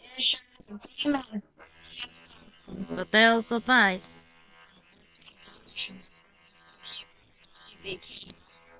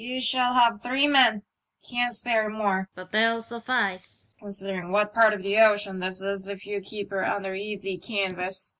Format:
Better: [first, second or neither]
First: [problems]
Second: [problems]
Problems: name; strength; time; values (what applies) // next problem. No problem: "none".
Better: second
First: noise reduction (neural separator model SepFormer WHAM!)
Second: none